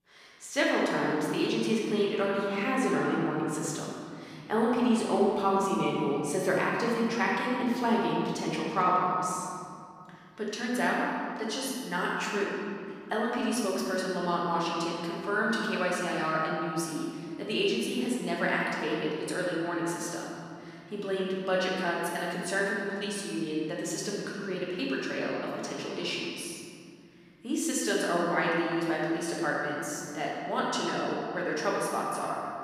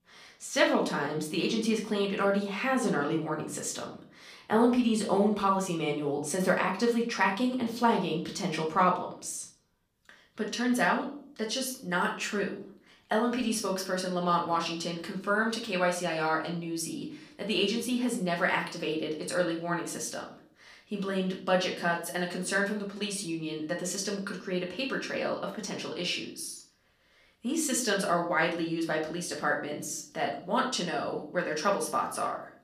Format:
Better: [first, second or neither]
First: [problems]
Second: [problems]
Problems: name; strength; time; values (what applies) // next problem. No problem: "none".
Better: second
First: room echo; strong; dies away in 2.5 s // off-mic speech; far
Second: room echo; slight; dies away in 0.4 s // off-mic speech; far